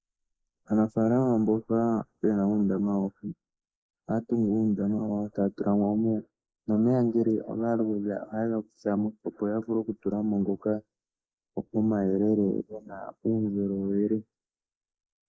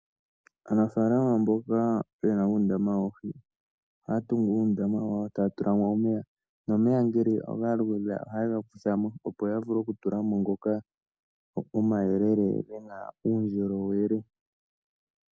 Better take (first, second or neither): second